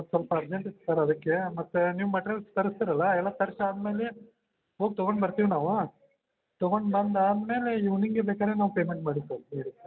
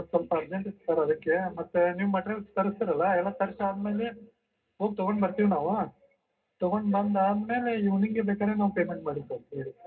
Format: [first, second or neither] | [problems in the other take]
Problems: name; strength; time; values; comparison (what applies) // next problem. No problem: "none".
first | room echo; dies away in 0.2 s